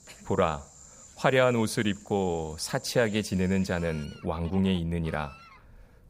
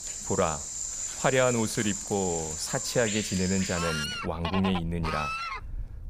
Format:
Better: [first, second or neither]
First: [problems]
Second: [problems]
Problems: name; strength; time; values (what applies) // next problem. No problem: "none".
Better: first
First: animal sounds; faint; throughout; 20 dB below the speech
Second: animal sounds; loud; throughout; 3 dB below the speech